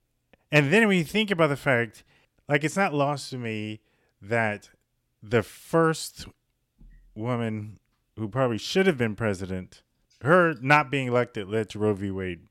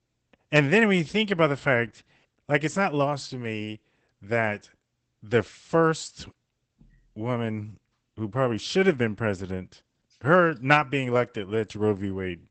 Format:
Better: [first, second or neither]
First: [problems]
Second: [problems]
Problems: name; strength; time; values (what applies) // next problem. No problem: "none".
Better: first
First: none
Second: garbled, watery; badly; nothing above 8 kHz